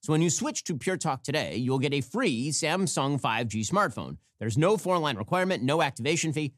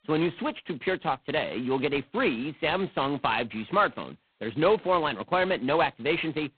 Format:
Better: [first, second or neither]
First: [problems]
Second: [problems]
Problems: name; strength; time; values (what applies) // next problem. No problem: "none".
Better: first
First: none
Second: phone-call audio; poor line; nothing above 4 kHz